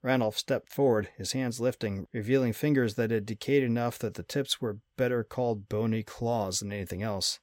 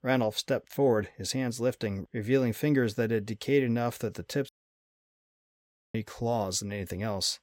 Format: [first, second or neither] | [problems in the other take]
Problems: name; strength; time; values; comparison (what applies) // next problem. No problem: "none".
first | audio cutting out; at 4.5 s for 1.5 s